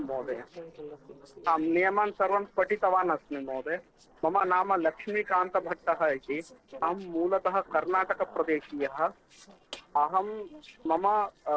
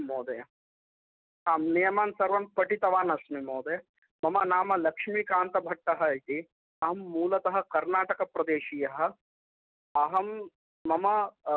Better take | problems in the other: second | noise reduction (neural separator model SepFormer DNS4)

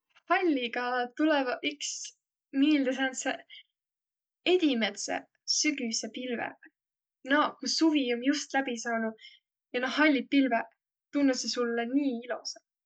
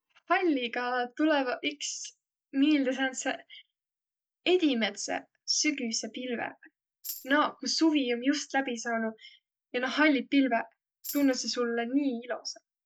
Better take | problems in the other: first | background sound (Tambourine); 14 dB below the speech

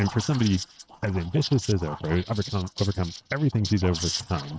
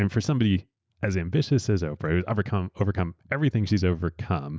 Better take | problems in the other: second | noise reduction (neural mask model RNNoise)

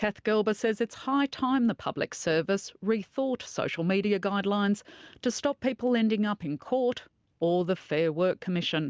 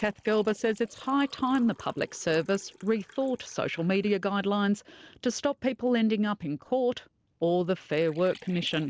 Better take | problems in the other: first | noise reduction (neural separator model SepFormer DNS4)

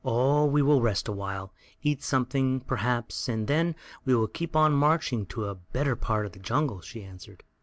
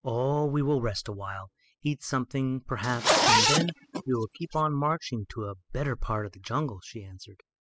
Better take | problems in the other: first | noise reduction (classical method spectral subtraction)

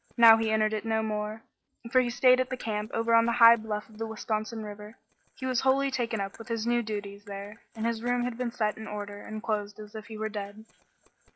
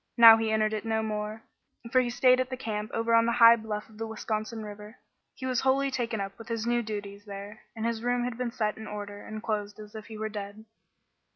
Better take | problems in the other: second | noise reduction (neural separator model SepFormer DNS4)

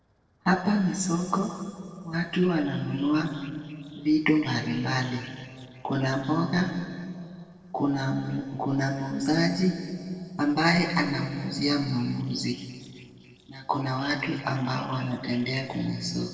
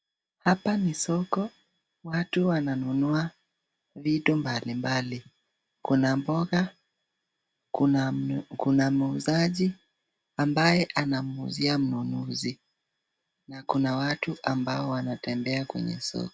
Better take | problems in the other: second | noise reduction (neural separator model SepFormer DNS4)

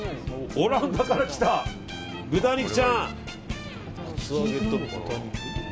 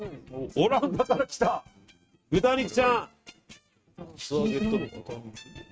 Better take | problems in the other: first | noise reduction (neural mask model RNNoise)

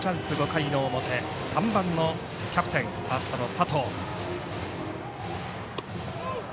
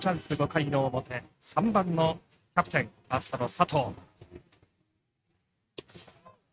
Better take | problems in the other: first | noise reduction (neural mask model RNNoise)

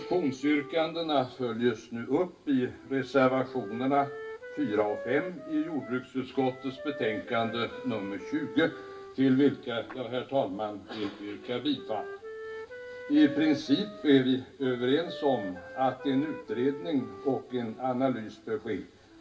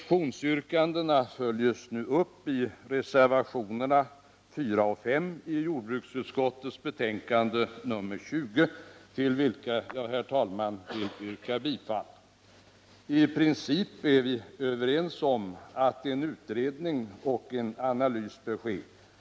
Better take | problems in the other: second | background sound (Wind instrument, woodwind instrument); 14 dB below the speech // room echo; dies away in 0.2 s

